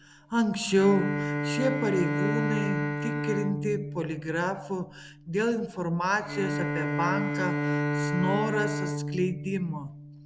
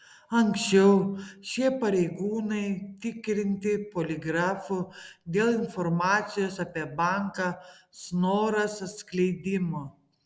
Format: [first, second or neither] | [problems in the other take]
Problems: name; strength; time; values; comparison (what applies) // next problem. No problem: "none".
second | background sound (Bowed string instrument); 2 dB below the speech